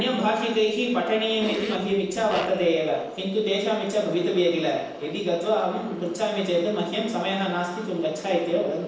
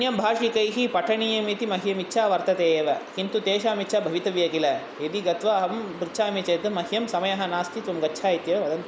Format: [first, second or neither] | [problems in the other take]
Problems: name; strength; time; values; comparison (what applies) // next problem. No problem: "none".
second | noise reduction (neural separator model SepFormer DNS4)